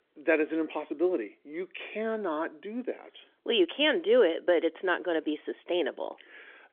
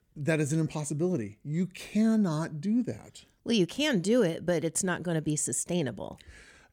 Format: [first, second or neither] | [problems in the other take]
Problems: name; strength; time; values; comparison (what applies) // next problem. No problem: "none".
second | phone-call audio; nothing above 3.5 kHz